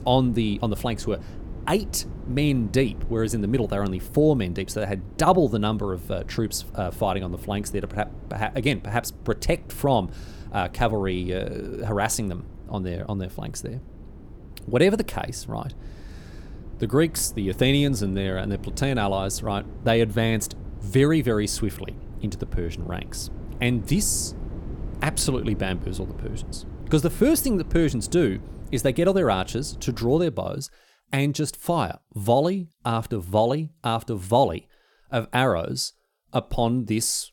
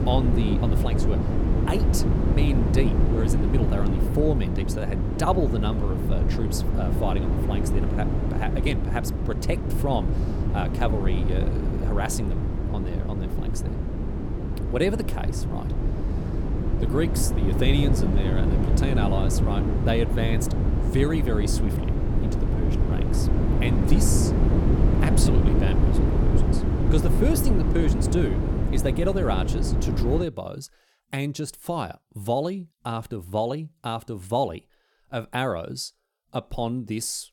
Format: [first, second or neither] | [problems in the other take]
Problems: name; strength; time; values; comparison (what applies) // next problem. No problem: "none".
first | wind noise on the microphone; heavy; until 30 s; 2 dB below the speech; occasional gusts in the first